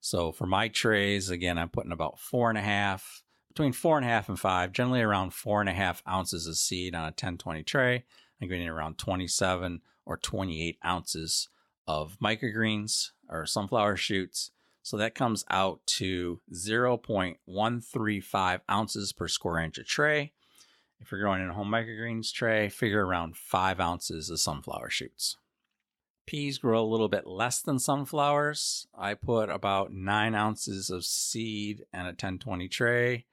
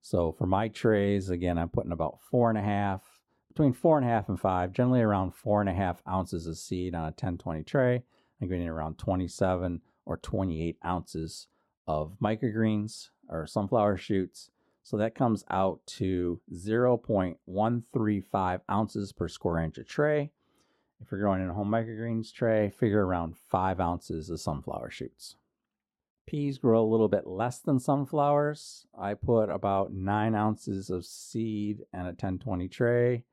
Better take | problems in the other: first | muffled; slightly; fading above 1.5 kHz

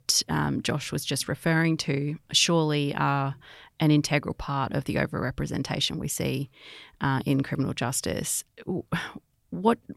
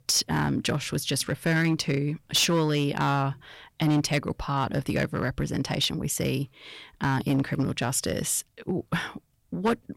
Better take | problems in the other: first | distortion; slight; 5% of the sound clipped

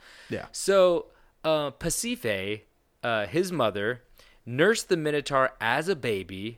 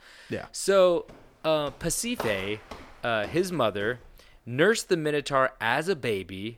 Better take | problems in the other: first | footsteps; noticeable; from 1 to 4 s; peak 10 dB below the speech

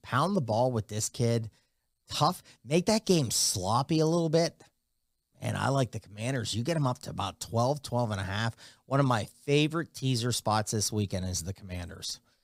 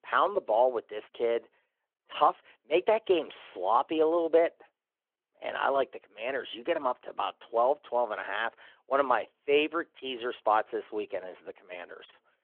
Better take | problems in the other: first | phone-call audio

